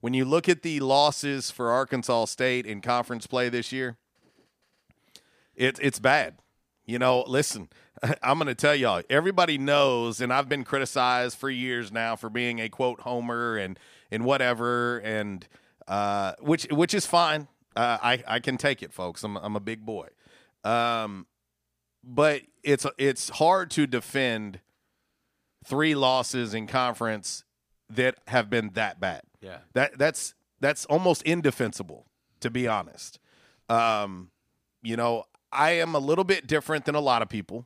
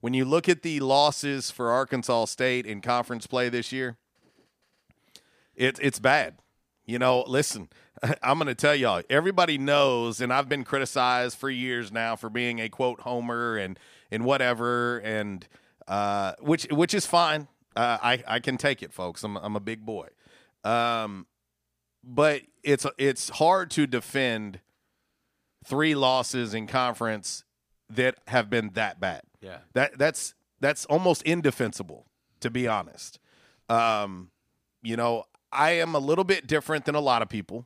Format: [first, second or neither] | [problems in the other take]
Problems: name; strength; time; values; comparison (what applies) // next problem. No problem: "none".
neither | none